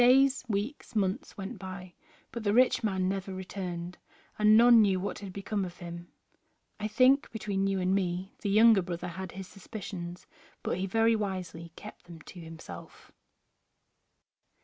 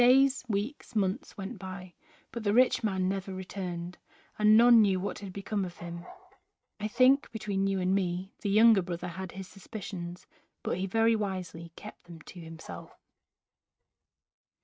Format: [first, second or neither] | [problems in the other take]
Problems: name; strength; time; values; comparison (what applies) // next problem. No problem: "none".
first | noise reduction (neural mask model RNNoise)